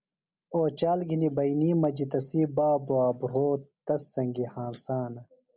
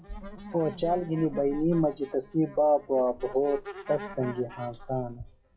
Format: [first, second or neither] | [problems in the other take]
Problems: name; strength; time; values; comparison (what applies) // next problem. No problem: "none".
first | noise reduction (classical method WPE with log-MMSE)